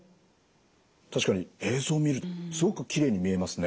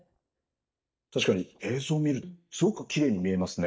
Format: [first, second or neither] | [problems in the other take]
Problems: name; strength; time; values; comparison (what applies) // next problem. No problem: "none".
first | noise reduction (neural mask model DeepFilterNet 3)